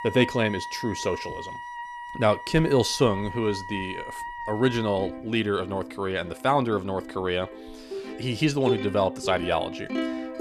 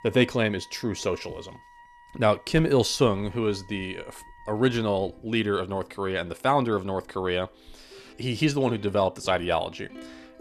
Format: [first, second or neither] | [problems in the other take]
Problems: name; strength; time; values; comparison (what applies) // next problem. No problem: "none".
second | background music; loud; throughout; 10 dB below the speech; faint in the second